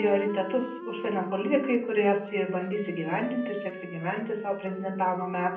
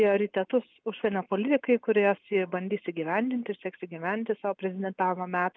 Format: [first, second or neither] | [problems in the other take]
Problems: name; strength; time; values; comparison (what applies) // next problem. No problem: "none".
second | background sound (Wind instrument, woodwind instrument); 12 dB below the speech // room echo; dies away in 0.6 s